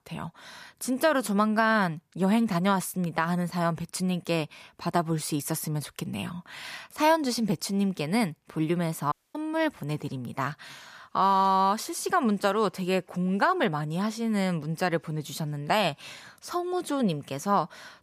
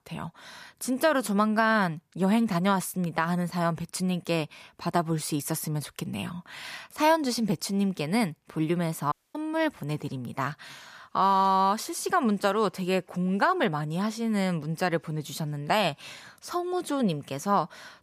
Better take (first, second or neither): neither